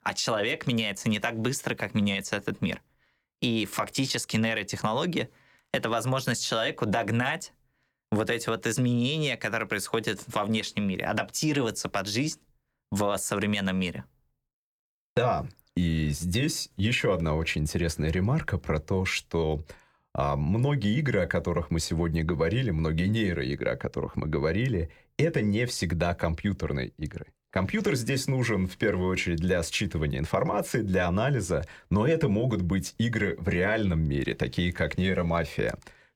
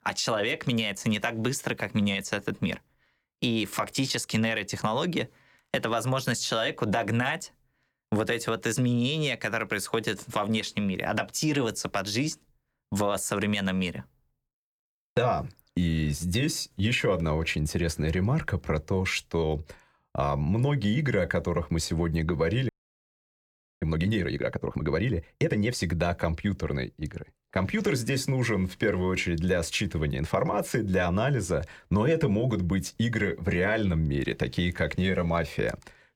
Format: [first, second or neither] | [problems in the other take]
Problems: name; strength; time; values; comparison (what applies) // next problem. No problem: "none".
first | audio freezing; at 23 s for 1 s